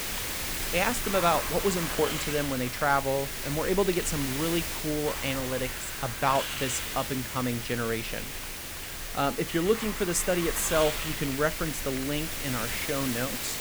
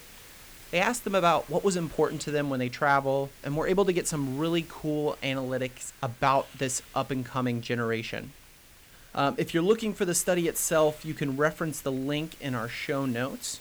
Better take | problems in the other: second | hiss; loud; throughout; 3 dB below the speech; faint in the second

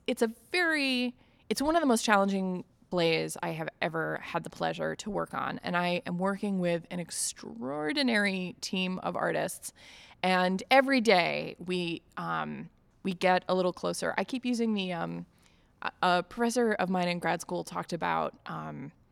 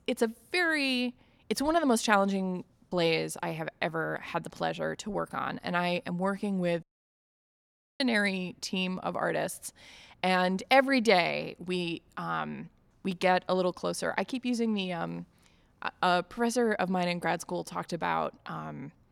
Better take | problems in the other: first | audio cutting out; at 7 s for 1 s

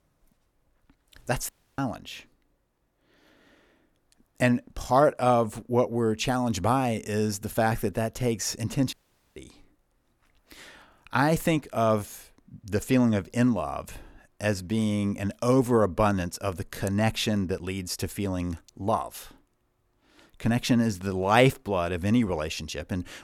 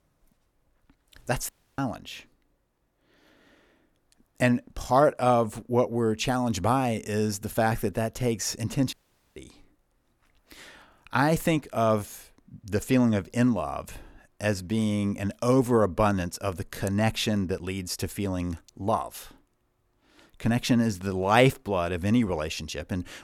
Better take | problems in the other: neither | audio cutting out; at 1.5 s and at 9 s; the same in both

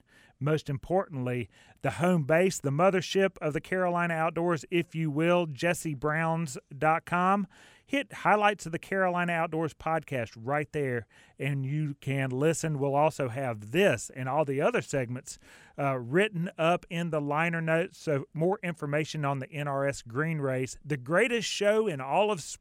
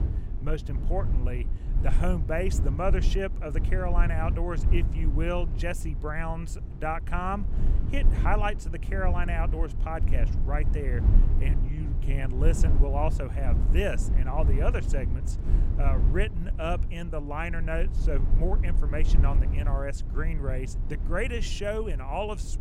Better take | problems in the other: first | low rumble; noticeable; throughout; 10 dB below the speech

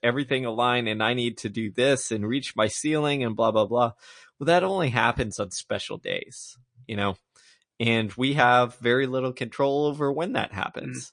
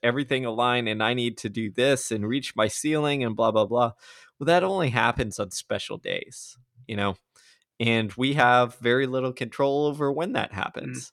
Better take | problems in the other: second | garbled, watery; slightly; nothing above 9.5 kHz

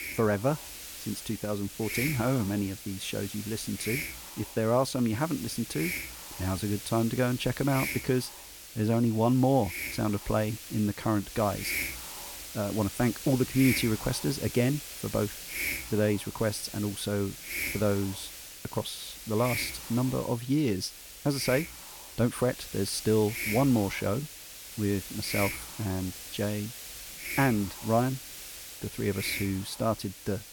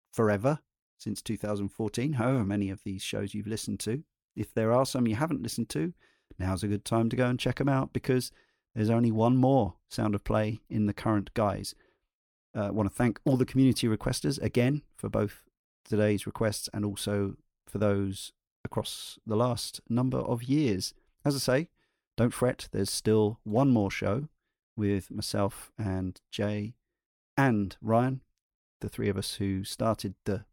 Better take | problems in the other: second | hiss; loud; throughout; 7 dB below the speech

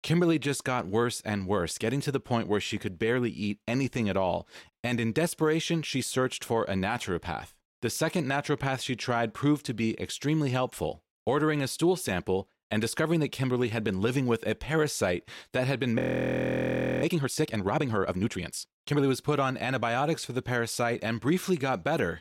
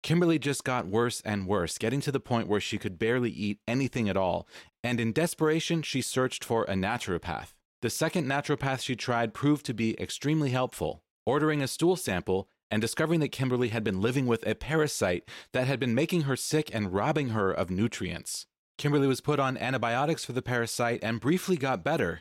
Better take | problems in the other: second | audio freezing; at 16 s for 1 s

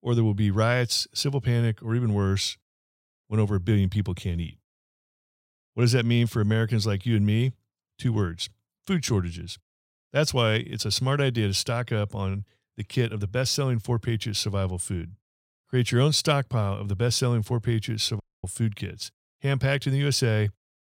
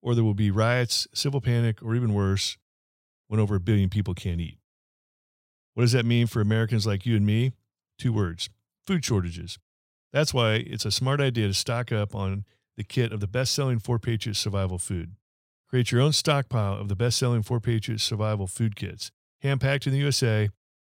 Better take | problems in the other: second | audio cutting out; at 18 s

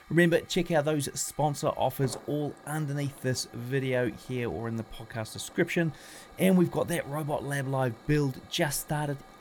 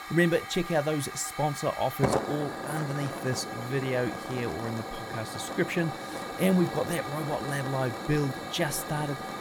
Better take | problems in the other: first | hiss; loud; throughout; 6 dB below the speech; faint in the first

